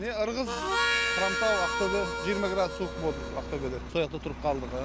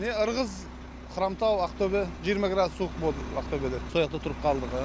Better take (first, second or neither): second